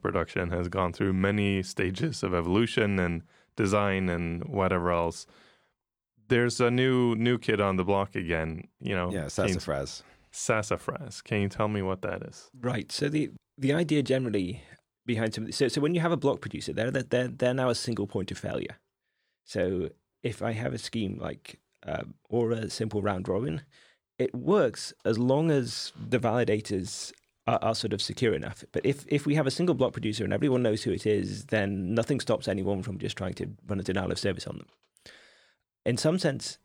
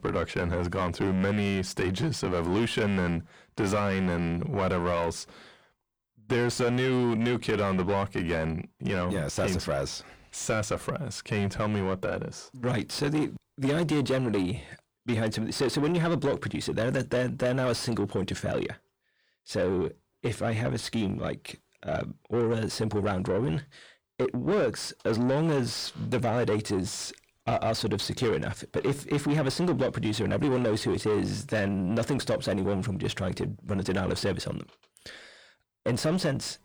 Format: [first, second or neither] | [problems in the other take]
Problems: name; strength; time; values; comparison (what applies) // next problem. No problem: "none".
first | distortion; heavy; 7 dB below the speech